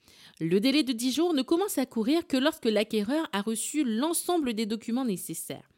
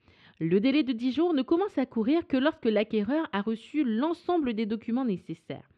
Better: first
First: none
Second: muffled; slightly; fading above 2.5 kHz

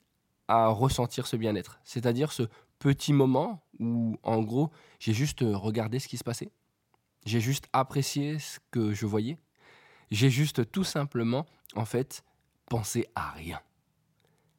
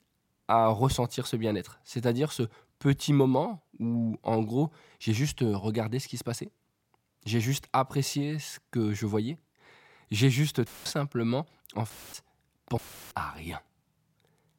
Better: first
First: none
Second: audio cutting out; filled with static; at 11 s, at 12 s and at 13 s

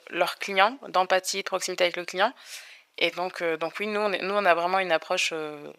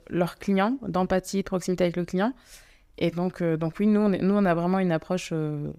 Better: second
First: thin; very; fading below 750 Hz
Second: none

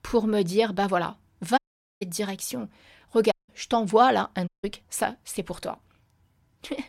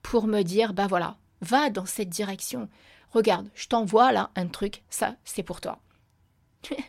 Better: second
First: audio cutting out; at 1.5 s, at 3.5 s and at 4.5 s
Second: none

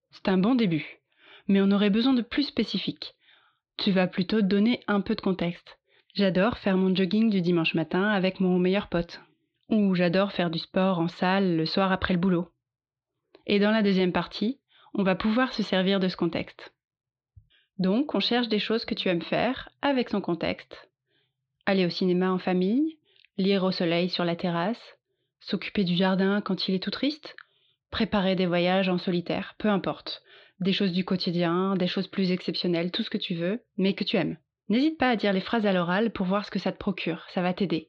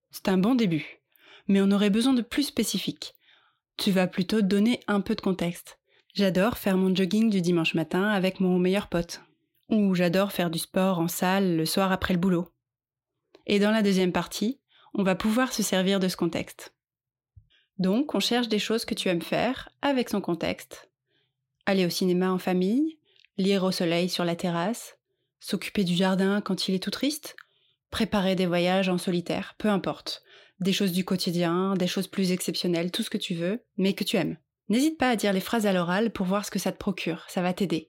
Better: second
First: muffled; very slightly; fading above 4 kHz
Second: none

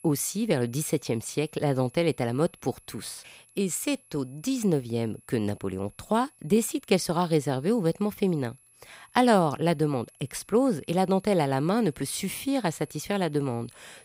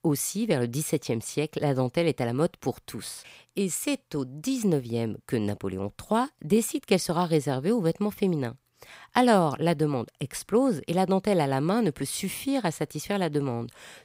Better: second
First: high-pitched whine; faint; throughout; 11 kHz, 30 dB below the speech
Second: none

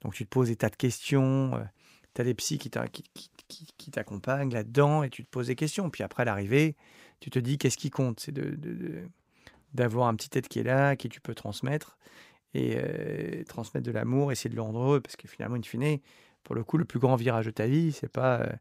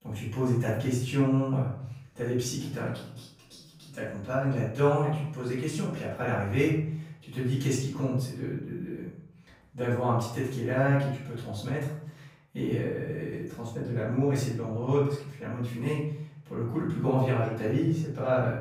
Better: first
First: none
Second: room echo; noticeable; dies away in 0.7 s // off-mic speech; far

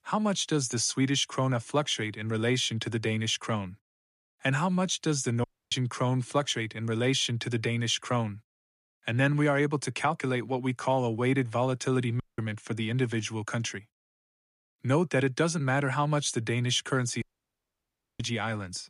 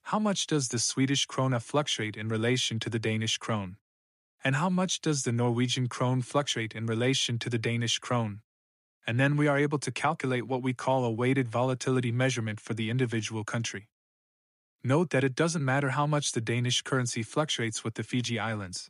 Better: second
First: audio cutting out; at 5.5 s, at 12 s and at 17 s for 1 s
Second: none

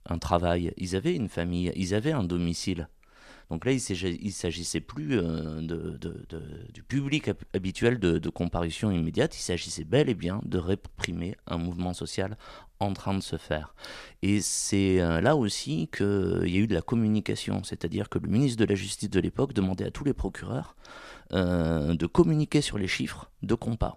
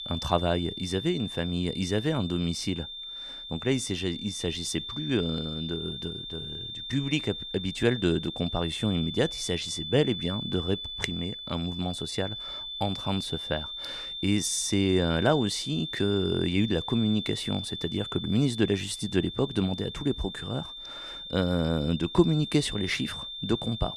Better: first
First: none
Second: high-pitched whine; loud; throughout; 3.5 kHz, 7 dB below the speech

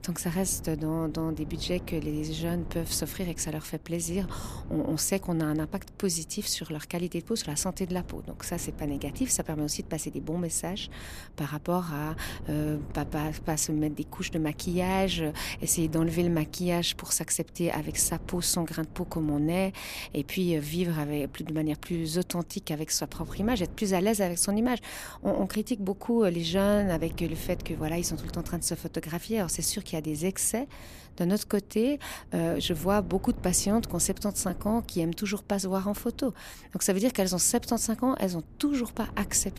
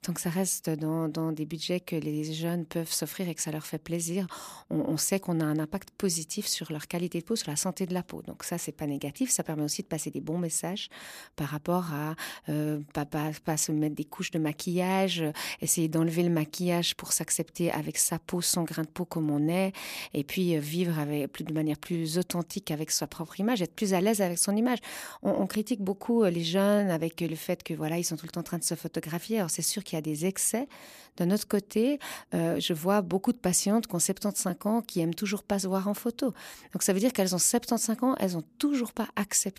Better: second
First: wind noise on the microphone; occasional gusts; 20 dB below the speech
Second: none

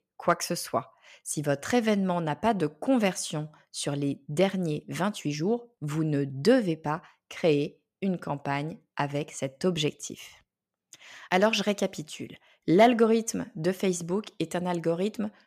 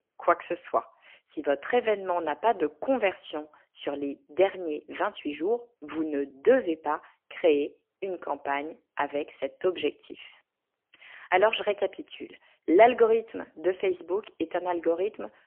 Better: first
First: none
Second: phone-call audio; poor line; nothing above 3 kHz

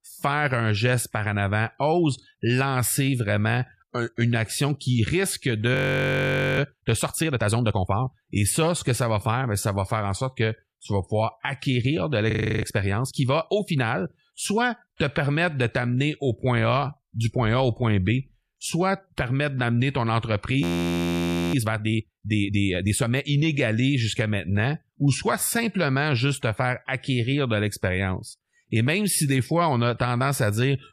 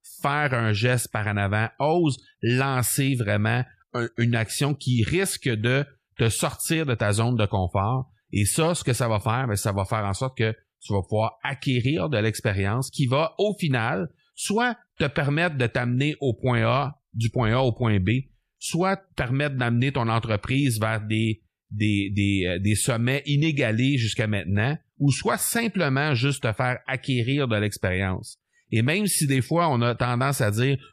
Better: second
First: audio freezing; at 5.5 s for 1 s, at 12 s and at 21 s for 1 s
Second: none

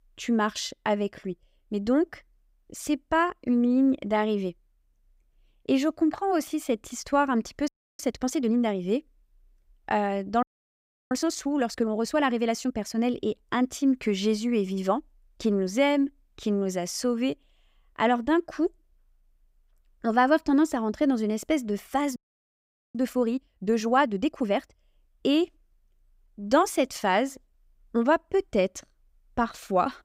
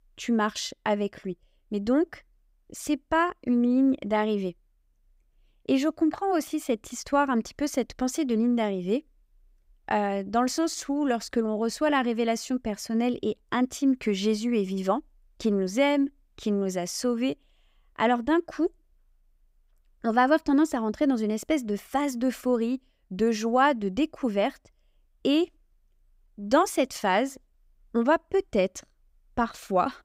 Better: second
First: audio freezing; at 7.5 s, at 10 s for 0.5 s and at 22 s for 1 s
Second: none

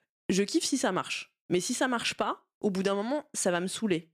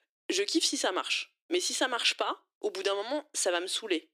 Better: first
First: none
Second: thin; somewhat; fading below 300 Hz

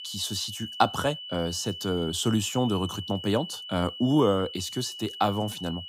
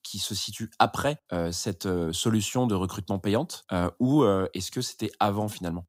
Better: second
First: high-pitched whine; loud; throughout; 3 kHz, 10 dB below the speech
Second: none

